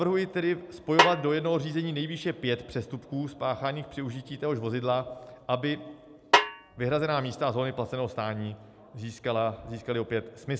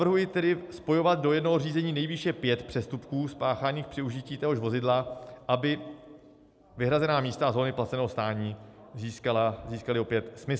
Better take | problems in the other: second | background sound (Snare drum); 3 dB above the speech

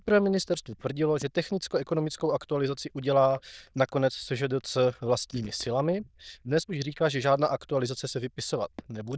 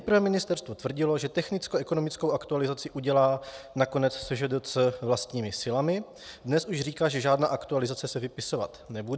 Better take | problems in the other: second | noise reduction (neural diffusion model UNIVERSE++)

